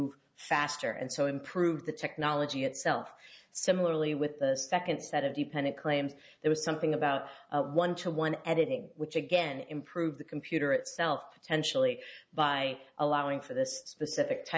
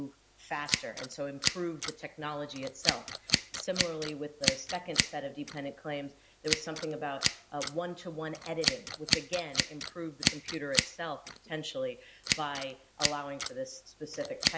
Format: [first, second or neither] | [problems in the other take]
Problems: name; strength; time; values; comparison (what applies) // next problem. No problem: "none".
first | background sound (Scissors); 3 dB above the speech